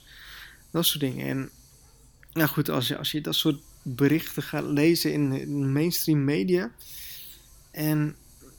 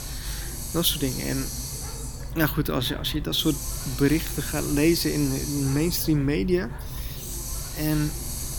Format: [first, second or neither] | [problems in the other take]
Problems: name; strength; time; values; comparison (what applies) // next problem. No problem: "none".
first | hiss; loud; throughout; 7 dB below the speech; faint in the first